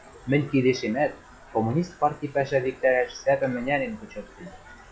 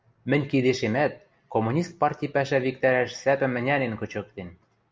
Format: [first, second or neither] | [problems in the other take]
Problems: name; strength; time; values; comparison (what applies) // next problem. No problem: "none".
second | noise reduction (classical method log-MMSE)